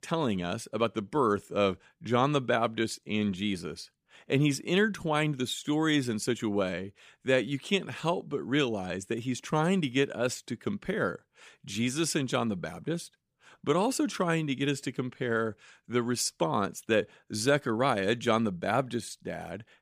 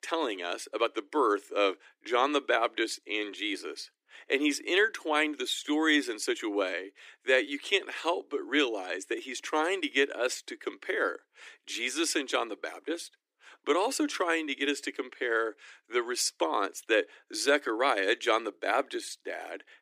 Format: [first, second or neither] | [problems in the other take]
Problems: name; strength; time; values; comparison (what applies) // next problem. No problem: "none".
first | thin; somewhat; fading below 300 Hz